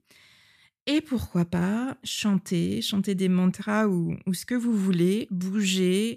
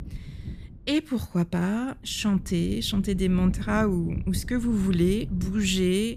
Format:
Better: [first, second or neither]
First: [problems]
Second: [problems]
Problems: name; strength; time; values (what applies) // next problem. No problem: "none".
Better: first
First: none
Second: wind noise on the microphone; occasional gusts; 15 dB below the speech